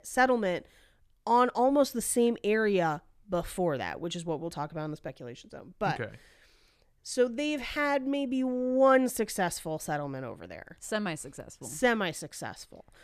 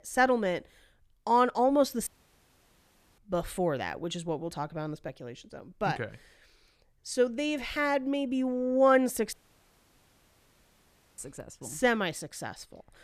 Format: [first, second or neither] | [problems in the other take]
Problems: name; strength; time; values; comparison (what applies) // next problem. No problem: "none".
first | audio cutting out; at 2 s for 1 s and at 9.5 s for 2 s